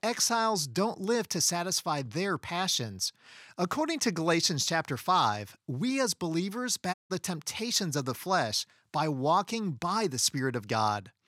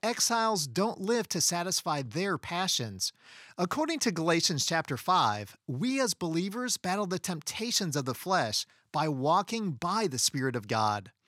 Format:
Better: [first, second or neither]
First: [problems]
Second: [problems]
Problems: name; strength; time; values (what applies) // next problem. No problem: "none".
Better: second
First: audio cutting out; at 7 s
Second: none